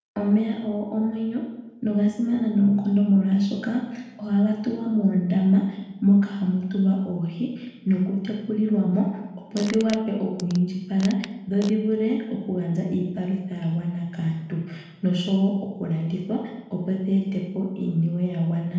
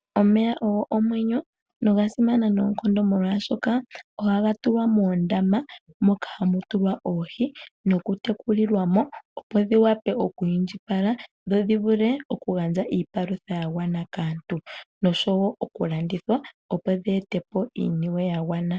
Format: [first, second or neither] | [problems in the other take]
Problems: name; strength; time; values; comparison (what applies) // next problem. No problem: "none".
second | background sound (Fart); 18 dB below the speech // room echo; dies away in 1 s